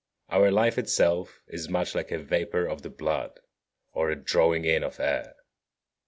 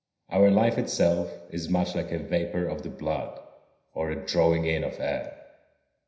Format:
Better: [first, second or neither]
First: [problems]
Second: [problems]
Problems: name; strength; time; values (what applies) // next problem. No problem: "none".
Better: first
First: none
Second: room echo; dies away in 0.9 s